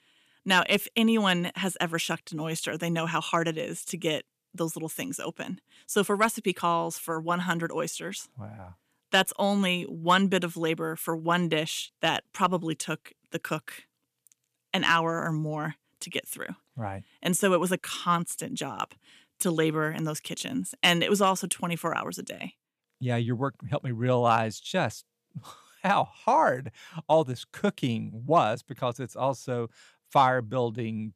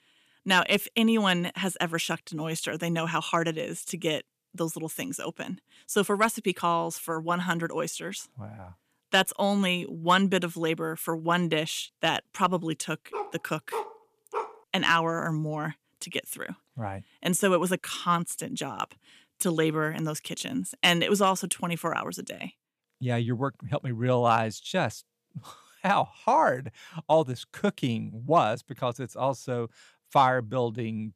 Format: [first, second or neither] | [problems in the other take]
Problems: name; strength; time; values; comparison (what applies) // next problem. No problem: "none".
first | dog barking; noticeable; from 13 to 14 s; peak 8 dB below the speech